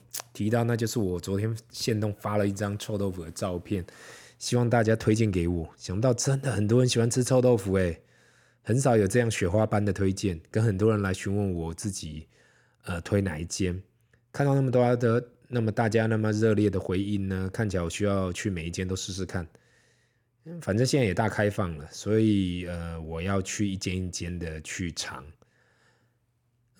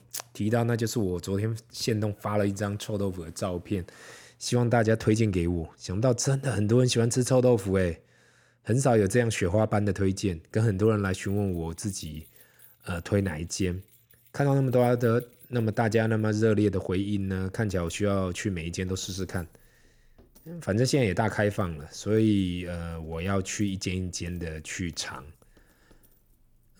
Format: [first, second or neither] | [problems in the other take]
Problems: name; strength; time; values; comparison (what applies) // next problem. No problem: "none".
first | household noises; faint; from 11 s on; 30 dB below the speech